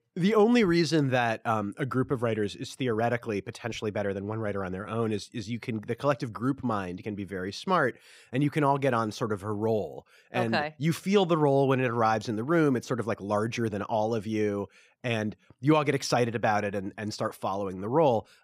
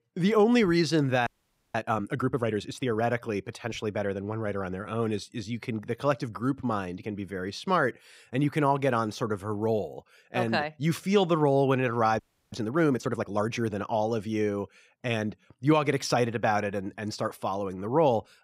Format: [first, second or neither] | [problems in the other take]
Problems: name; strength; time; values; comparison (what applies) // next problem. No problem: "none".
first | audio freezing; at 1.5 s and at 12 s